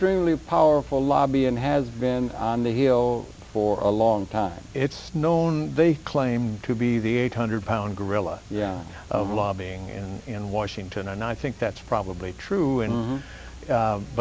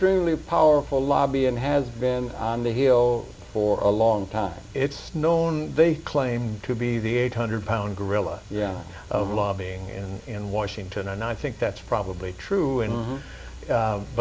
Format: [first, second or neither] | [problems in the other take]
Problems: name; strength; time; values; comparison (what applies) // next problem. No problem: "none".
first | room echo; dies away in 0.4 s